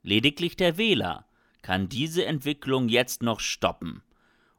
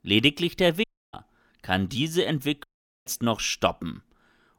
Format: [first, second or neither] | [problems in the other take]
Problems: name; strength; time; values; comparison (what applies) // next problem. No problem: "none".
first | audio cutting out; at 1 s and at 2.5 s